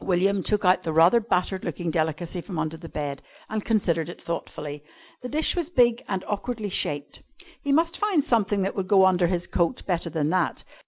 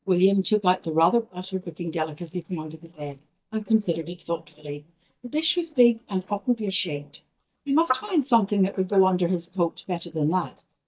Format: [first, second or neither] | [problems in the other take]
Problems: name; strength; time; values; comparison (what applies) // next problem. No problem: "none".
first | noise reduction (neural mask model DeepFilterNet 3)